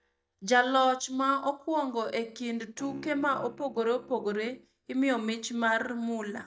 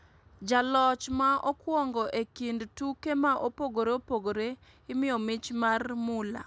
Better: second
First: noise reduction (neural mask model DeepFilterNet 3)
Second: none

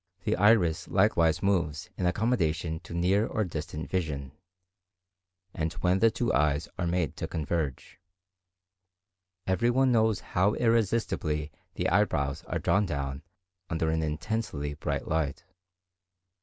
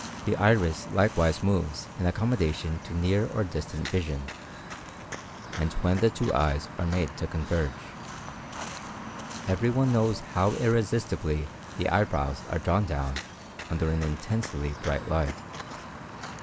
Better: first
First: none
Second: background sound (Walk, footsteps); 12 dB below the speech

